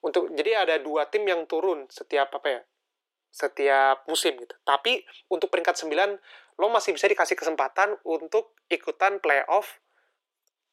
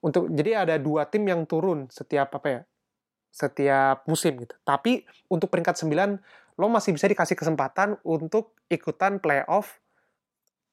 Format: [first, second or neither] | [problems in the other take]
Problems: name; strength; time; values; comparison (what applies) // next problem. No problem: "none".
second | thin; very; fading below 350 Hz